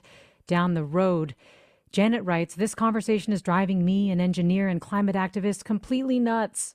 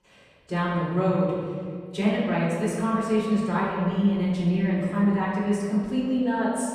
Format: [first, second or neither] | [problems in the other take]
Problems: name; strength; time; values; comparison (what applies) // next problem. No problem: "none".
first | room echo; noticeable; dies away in 1.9 s // off-mic speech; far